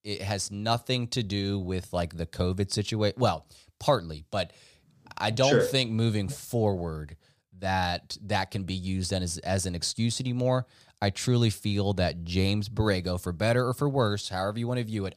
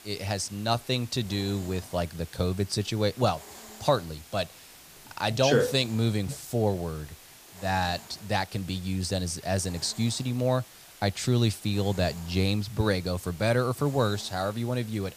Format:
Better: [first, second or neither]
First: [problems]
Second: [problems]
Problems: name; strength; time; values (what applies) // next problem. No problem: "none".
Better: first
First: none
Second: hiss; noticeable; throughout; 20 dB below the speech